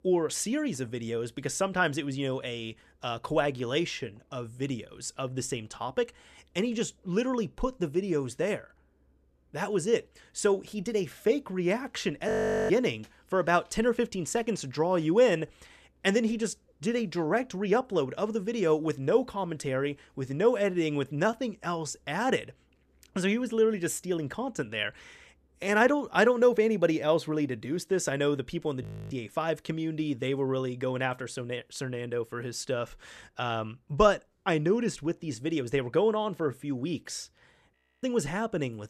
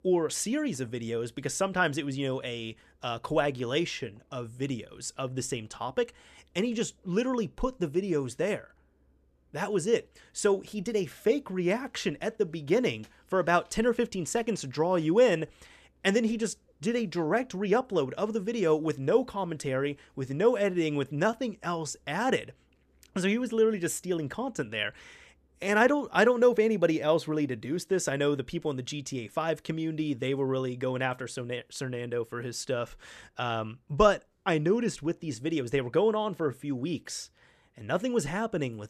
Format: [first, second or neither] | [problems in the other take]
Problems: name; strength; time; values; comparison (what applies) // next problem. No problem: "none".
second | audio freezing; at 12 s, at 29 s and at 38 s